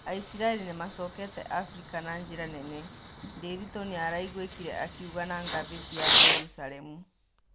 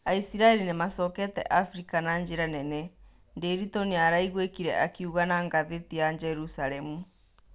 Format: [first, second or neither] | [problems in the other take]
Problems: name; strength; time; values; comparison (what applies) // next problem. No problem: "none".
second | background sound (Fireworks); 4 dB above the speech